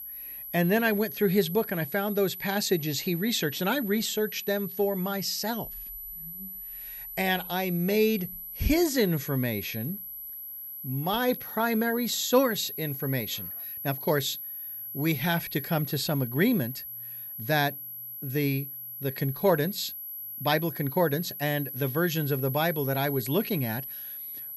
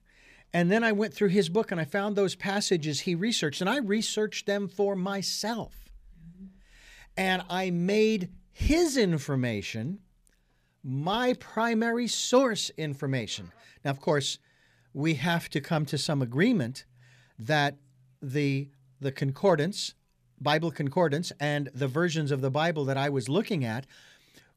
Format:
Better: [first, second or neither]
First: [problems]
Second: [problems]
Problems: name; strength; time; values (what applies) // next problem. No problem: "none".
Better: second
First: high-pitched whine; loud; throughout; 11.5 kHz, 8 dB below the speech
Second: none